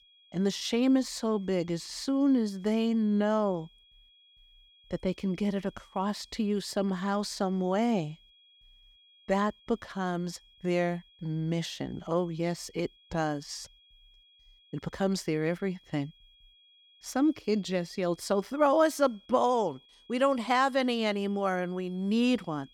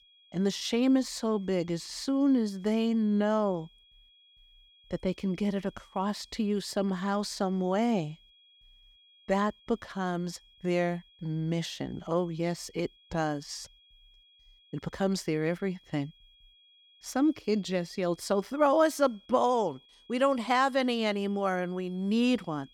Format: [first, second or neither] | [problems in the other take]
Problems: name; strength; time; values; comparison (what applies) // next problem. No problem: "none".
neither | high-pitched whine; faint; throughout; 3.5 kHz, 30 dB below the speech; the same in both